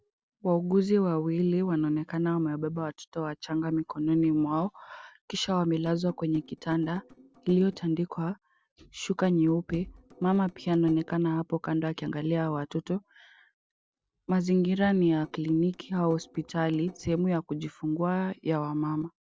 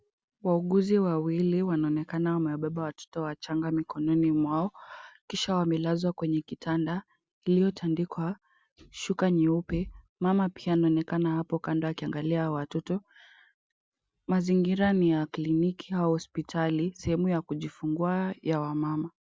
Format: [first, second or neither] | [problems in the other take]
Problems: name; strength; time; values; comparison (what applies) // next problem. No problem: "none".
second | noise reduction (neural separator model SepFormer DNS4)